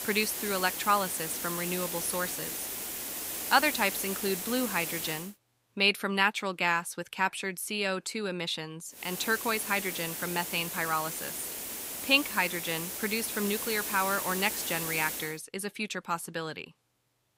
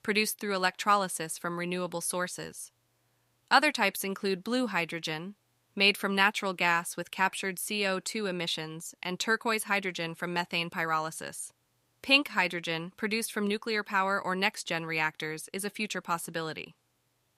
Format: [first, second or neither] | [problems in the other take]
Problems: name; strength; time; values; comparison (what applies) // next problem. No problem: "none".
second | hiss; loud; until 5 s and from 9 to 15 s; 4 dB below the speech